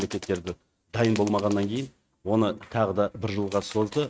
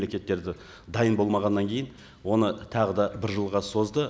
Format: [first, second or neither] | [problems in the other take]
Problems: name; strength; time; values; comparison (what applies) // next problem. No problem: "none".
second | noise reduction (neural mask model RNNoise)